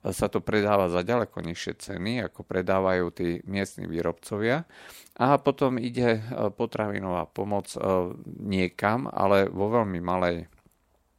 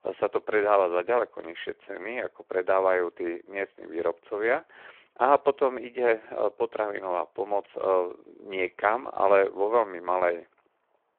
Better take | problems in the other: first | phone-call audio

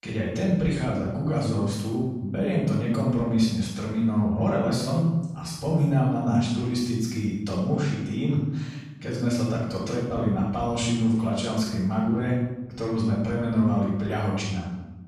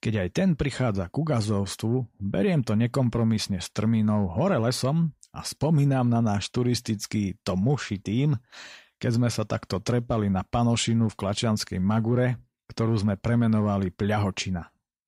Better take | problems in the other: second | off-mic speech; far // room echo; strong; dies away in 0.9 s

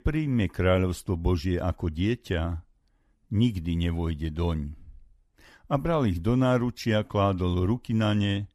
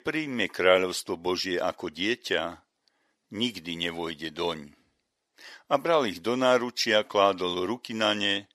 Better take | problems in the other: first | thin; somewhat; fading below 450 Hz

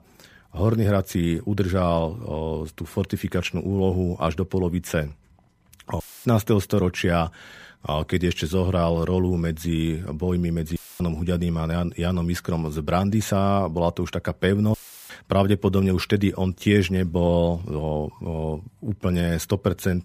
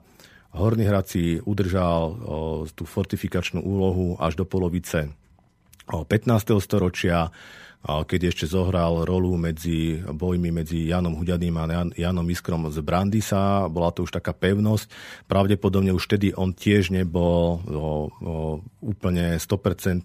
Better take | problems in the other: second | audio cutting out; filled with static; at 6 s, at 11 s and at 15 s

